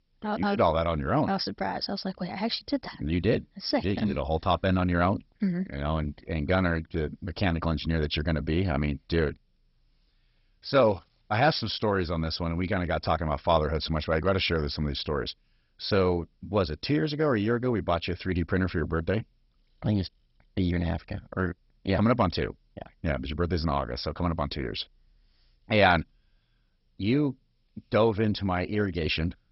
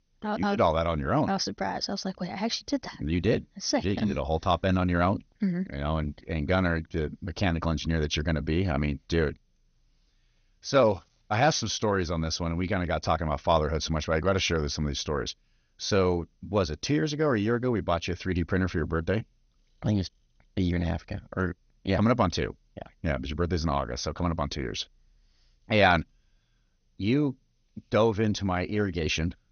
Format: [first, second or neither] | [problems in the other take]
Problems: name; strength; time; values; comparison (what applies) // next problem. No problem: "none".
second | garbled, watery; badly; nothing above 5.5 kHz; slightly in the second